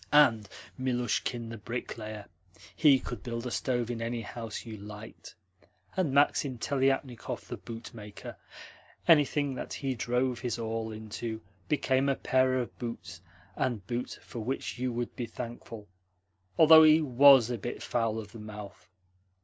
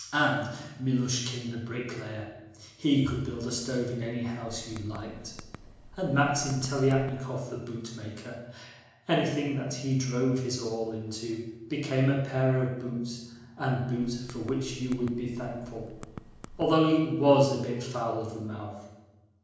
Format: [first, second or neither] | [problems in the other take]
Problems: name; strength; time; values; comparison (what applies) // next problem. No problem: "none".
first | background sound (Typing); 17 dB below the speech // room echo; dies away in 1 s